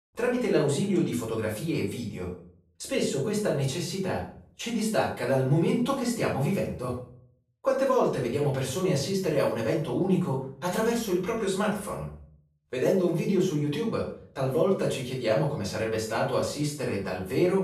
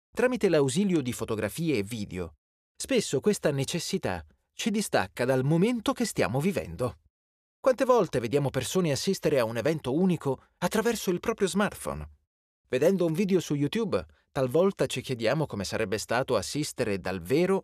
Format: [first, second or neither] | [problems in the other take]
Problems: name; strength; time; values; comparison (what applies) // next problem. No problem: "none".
second | off-mic speech; far // room echo; noticeable; dies away in 0.4 s